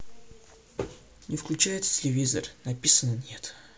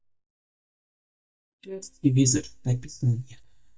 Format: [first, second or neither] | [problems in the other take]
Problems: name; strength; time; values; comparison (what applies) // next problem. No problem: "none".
first | noise reduction (neural mask model DeepFilterNet 3)